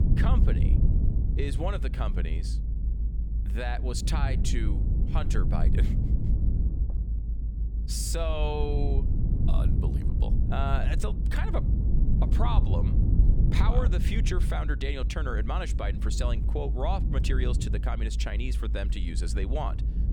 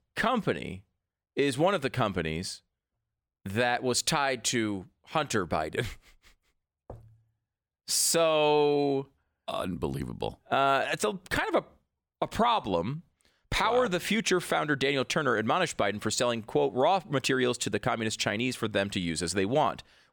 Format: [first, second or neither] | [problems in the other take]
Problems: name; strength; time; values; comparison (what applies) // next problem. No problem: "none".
second | low rumble; loud; throughout; 7 dB below the speech